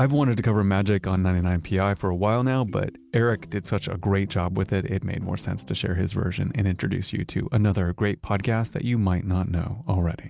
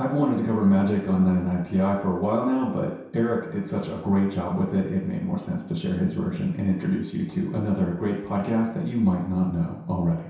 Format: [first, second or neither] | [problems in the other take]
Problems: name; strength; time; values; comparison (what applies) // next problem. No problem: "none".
first | room echo; dies away in 0.7 s